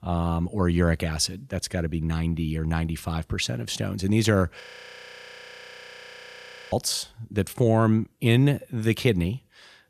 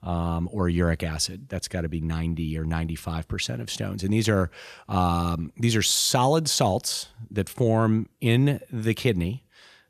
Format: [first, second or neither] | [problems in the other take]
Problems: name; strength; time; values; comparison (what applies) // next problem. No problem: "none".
second | audio freezing; at 4.5 s for 2 s